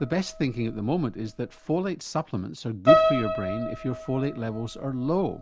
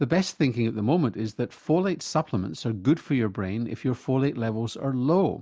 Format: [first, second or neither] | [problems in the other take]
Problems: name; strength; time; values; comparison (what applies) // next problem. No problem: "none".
second | background sound (Piano); as loud as the speech